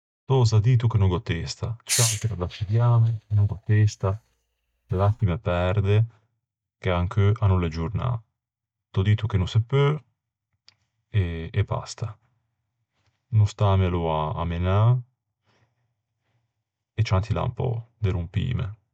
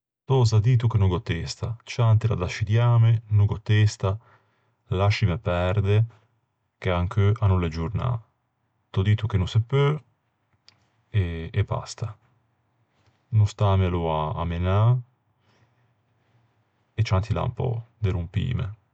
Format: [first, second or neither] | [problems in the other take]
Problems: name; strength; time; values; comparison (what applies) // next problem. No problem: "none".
second | noise reduction (neural mask model DeepFilterNet 3)